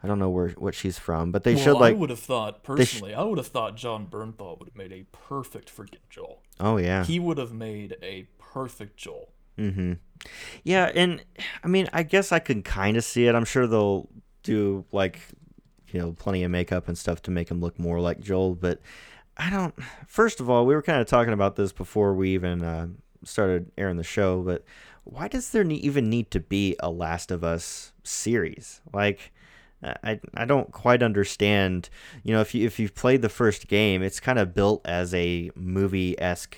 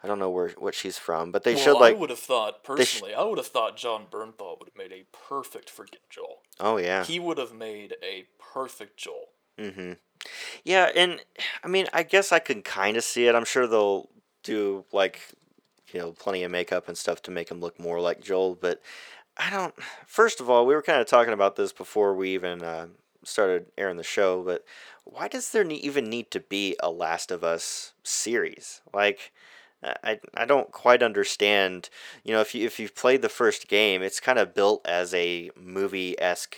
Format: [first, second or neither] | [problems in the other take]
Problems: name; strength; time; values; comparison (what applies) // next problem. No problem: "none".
first | thin; somewhat; fading below 500 Hz